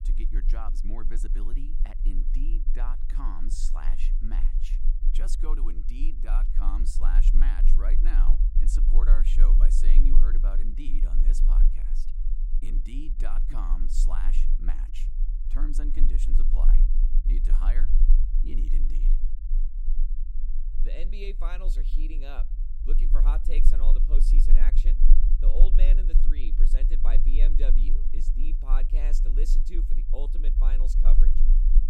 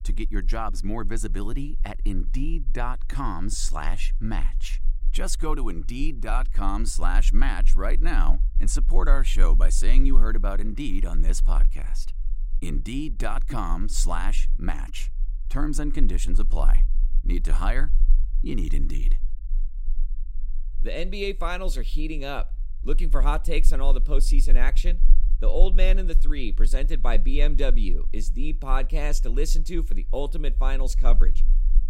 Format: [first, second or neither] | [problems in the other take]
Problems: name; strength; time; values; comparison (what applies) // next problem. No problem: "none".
second | low rumble; loud; throughout; 9 dB below the speech; faint in the second